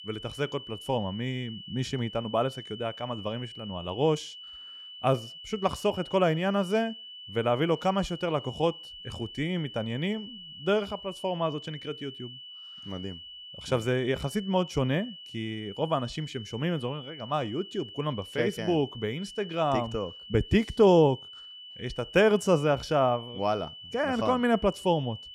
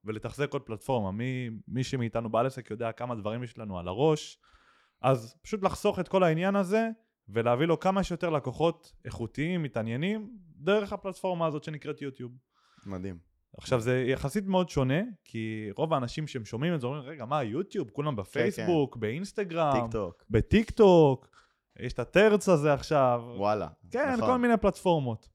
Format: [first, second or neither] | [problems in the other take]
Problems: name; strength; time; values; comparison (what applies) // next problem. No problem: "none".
second | high-pitched whine; noticeable; throughout; 3 kHz, 15 dB below the speech